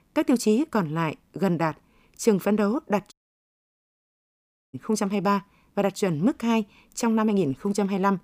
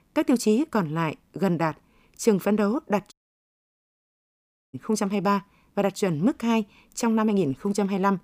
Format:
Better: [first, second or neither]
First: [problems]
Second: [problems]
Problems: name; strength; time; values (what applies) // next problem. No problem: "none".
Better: neither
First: audio cutting out; at 3 s for 1.5 s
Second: audio cutting out; at 3 s for 1.5 s